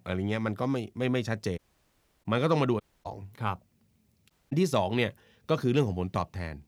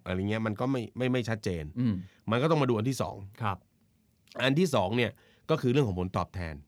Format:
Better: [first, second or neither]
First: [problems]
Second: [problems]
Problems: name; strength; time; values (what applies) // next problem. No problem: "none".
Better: second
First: audio cutting out; at 1.5 s for 0.5 s, at 3 s and at 4.5 s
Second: none